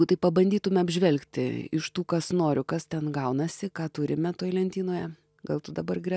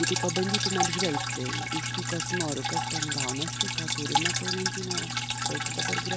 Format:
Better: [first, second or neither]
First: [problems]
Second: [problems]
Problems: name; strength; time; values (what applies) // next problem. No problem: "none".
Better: first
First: none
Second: background sound (Drip); 4 dB above the speech